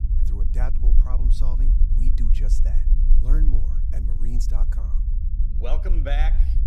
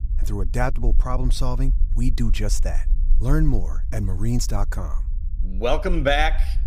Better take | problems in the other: second | low rumble; loud; throughout; 7 dB below the speech; faint in the second

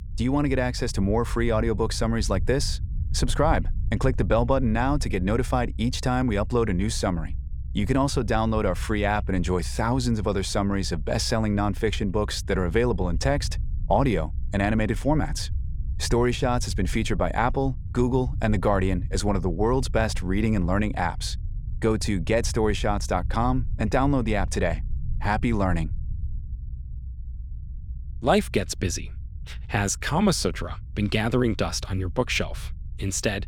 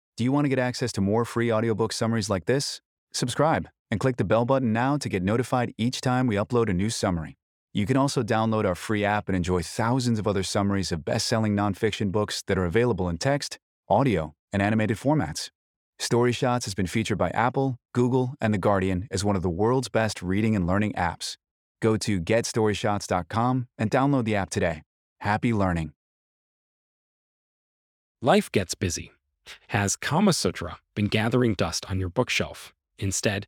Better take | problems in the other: second | low rumble; faint; throughout; 25 dB below the speech

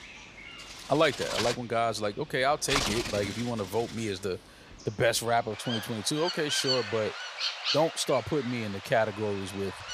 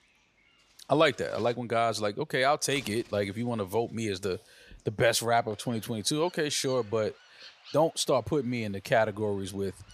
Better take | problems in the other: second | animal sounds; loud; throughout; 5 dB below the speech; faint in the second

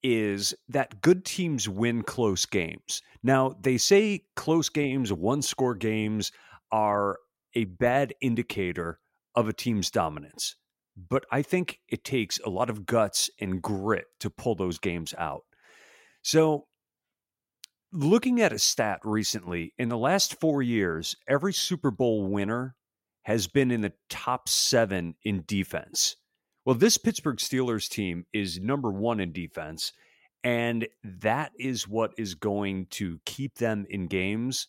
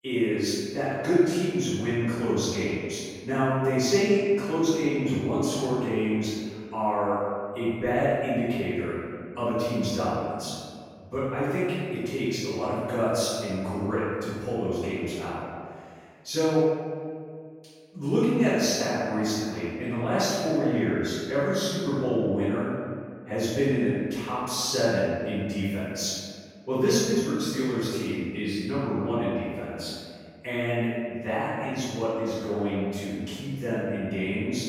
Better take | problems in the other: first | off-mic speech; far // room echo; strong; dies away in 1.9 s

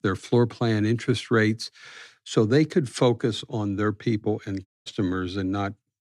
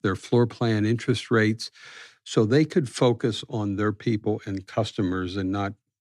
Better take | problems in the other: second | audio cutting out; at 4.5 s

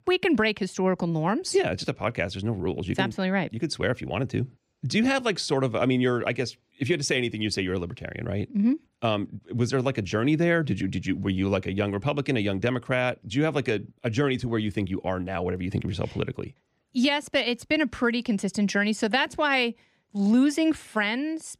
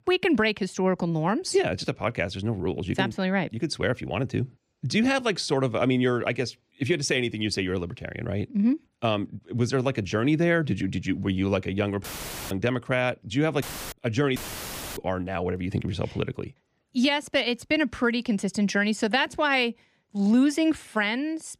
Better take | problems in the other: first | audio cutting out; filled with static; at 12 s and at 14 s for 0.5 s

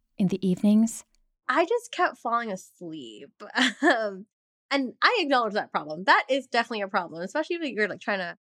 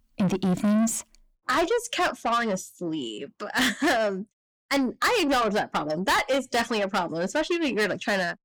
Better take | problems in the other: first | distortion; heavy; 6 dB below the speech

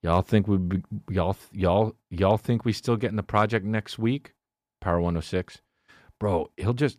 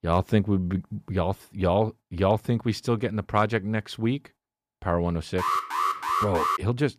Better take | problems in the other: first | alarm; loud; from 5.5 s on; peak 1 dB above the speech

